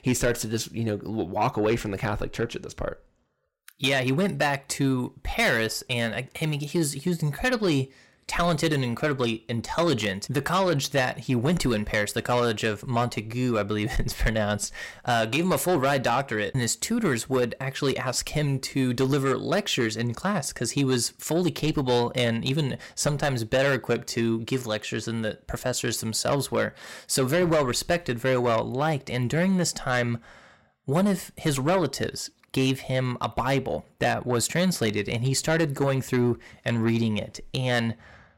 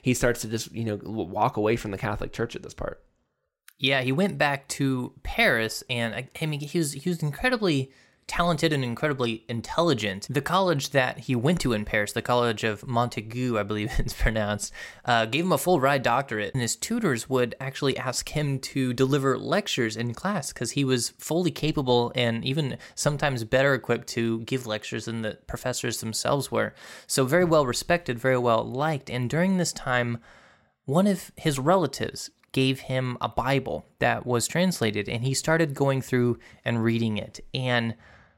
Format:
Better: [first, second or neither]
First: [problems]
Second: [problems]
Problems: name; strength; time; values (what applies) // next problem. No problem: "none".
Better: second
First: distortion; slight; 10 dB below the speech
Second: none